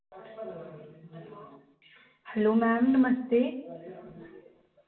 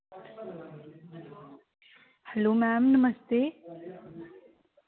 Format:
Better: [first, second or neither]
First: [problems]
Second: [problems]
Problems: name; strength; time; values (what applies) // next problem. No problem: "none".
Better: second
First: room echo; dies away in 0.7 s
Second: none